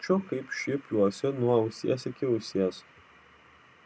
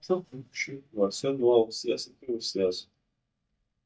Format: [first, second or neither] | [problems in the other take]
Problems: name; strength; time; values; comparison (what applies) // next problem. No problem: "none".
first | noise reduction (neural mask model DeepFilterNet 3)